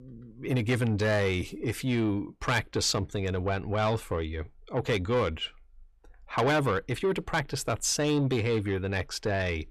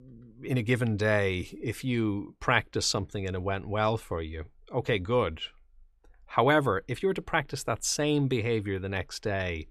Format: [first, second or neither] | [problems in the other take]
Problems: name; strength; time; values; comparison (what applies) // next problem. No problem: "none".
second | distortion; slight; 10 dB below the speech